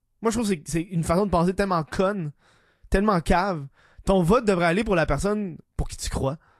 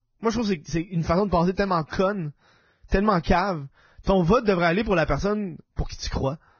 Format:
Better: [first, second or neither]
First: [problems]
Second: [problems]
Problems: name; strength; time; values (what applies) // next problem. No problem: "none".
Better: first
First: garbled, watery; slightly; nothing above 12 kHz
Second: garbled, watery; badly; nothing above 6 kHz